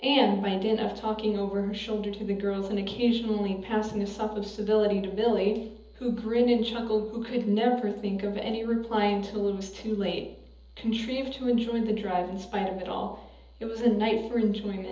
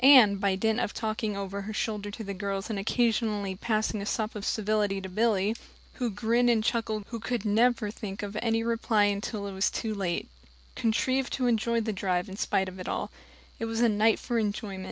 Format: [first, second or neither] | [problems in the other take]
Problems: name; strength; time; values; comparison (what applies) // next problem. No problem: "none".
second | room echo; dies away in 0.7 s